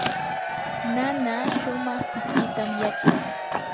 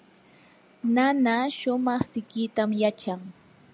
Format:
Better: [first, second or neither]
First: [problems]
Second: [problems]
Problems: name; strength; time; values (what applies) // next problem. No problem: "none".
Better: second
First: background sound (Chewing, mastication + Crowd / Cheering); 4 dB above the speech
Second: none